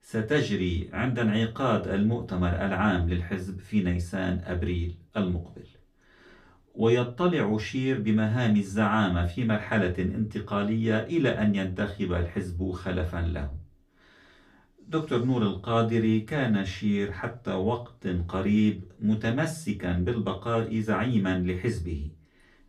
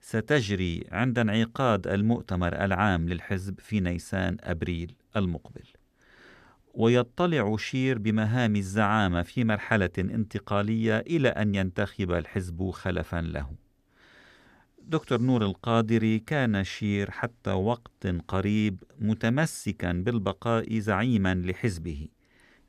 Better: second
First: off-mic speech; far // room echo; very slight; dies away in 0.2 s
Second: none

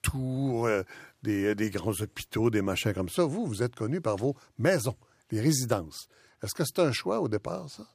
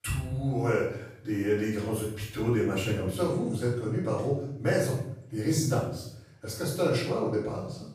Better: first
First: none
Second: off-mic speech; far // room echo; noticeable; dies away in 0.6 s

